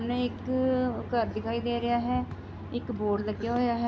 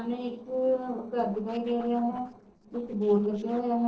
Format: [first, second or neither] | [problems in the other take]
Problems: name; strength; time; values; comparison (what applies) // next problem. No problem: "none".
first | noise reduction (neural separator model SepFormer DNS4)